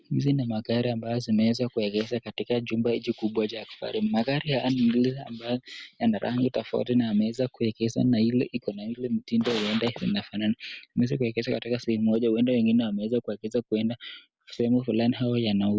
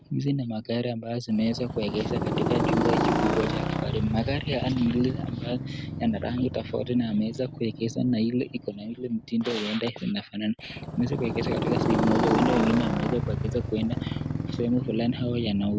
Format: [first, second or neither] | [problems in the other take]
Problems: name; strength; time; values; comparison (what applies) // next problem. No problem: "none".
first | background sound (Motorcycle); 2 dB below the speech